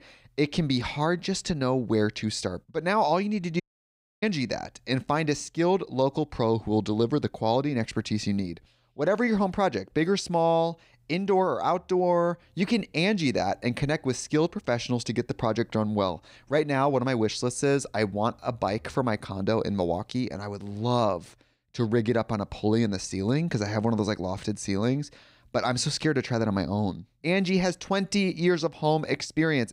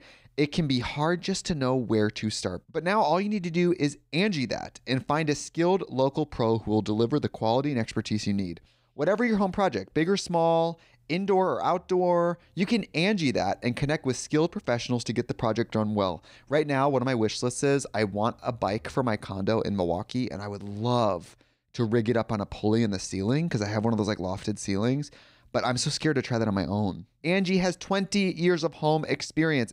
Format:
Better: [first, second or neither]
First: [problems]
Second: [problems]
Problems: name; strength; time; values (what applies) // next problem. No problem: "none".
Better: second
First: audio cutting out; at 3.5 s for 0.5 s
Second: none